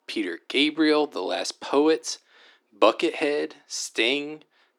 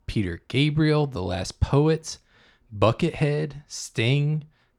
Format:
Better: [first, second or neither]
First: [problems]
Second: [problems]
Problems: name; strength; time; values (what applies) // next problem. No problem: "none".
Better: second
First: thin; somewhat; fading below 300 Hz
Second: none